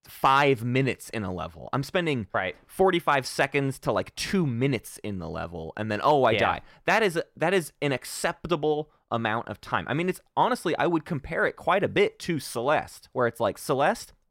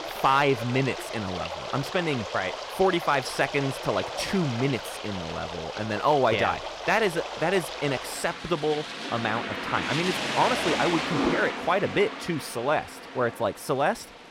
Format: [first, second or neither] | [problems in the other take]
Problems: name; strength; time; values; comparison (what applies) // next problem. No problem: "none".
first | rain or running water; loud; throughout; 5 dB below the speech